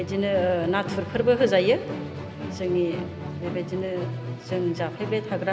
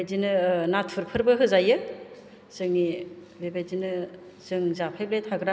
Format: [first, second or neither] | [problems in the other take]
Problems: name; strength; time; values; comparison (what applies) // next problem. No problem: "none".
second | background sound (Musical instrument); 8 dB below the speech